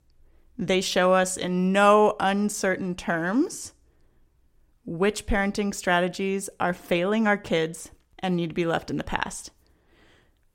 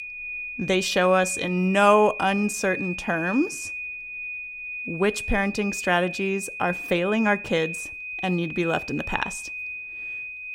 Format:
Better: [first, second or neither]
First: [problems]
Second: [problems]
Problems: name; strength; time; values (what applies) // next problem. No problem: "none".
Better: first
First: none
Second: high-pitched whine; loud; throughout; 2.5 kHz, 8 dB below the speech